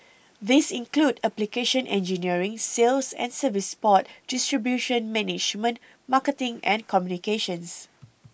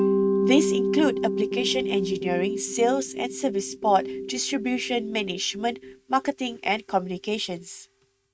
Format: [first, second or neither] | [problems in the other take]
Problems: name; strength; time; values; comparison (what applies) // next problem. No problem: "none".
first | noise reduction (neural mask model RNNoise)